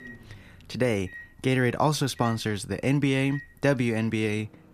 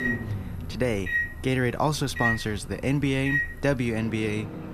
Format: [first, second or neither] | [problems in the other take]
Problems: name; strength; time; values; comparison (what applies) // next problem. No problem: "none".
first | household noises; loud; throughout; 3 dB below the speech; faint in the first